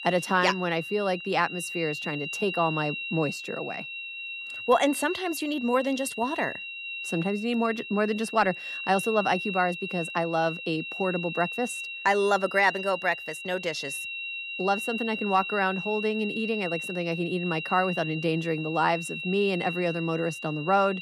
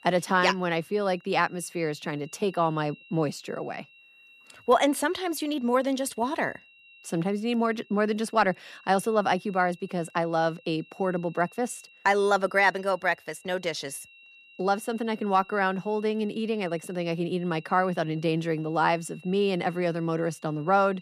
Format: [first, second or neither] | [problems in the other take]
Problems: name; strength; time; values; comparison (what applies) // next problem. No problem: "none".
second | high-pitched whine; loud; throughout; 2.5 kHz, 6 dB below the speech; faint in the second